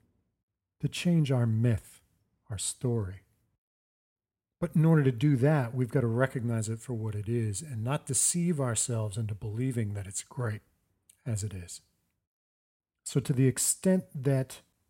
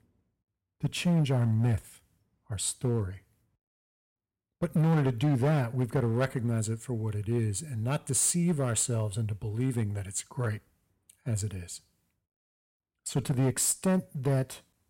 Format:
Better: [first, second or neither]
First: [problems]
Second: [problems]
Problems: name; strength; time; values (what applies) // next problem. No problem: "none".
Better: first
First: none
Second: distortion; slight; 5% of the sound clipped